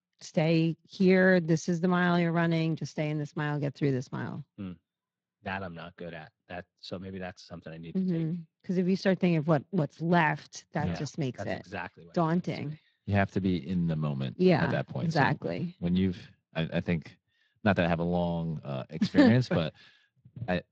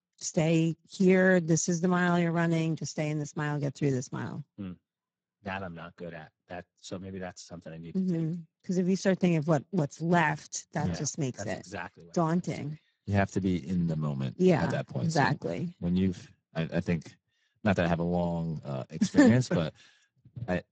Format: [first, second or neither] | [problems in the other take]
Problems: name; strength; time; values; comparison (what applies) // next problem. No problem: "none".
first | garbled, watery; badly; nothing above 7.5 kHz; slightly in the first